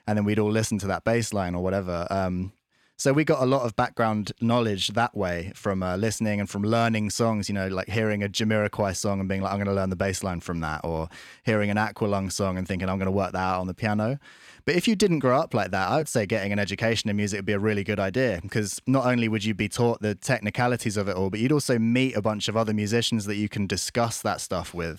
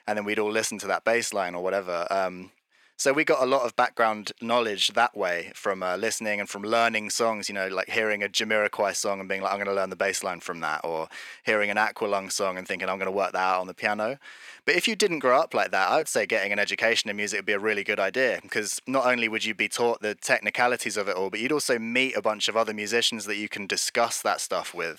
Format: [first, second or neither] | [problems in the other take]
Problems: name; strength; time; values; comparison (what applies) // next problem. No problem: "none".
first | thin; somewhat; fading below 450 Hz